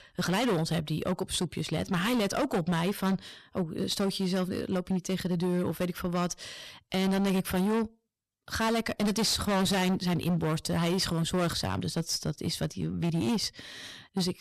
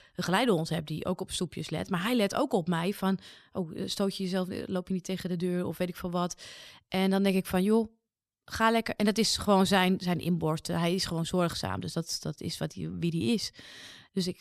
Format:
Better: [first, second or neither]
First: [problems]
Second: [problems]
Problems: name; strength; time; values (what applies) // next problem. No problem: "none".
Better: second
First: distortion; heavy; 16% of the sound clipped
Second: none